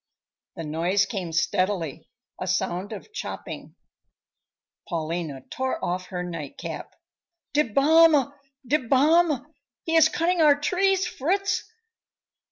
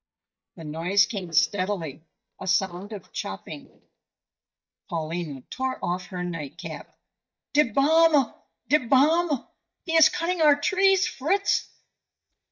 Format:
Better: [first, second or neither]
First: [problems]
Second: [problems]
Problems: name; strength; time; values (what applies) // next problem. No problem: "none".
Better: first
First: none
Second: noise reduction (neural mask model DeepFilterNet 3)